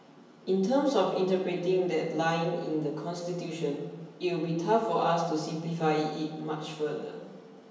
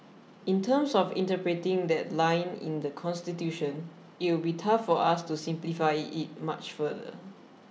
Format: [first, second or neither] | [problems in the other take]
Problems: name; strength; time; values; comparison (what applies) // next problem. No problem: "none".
second | room echo; dies away in 1 s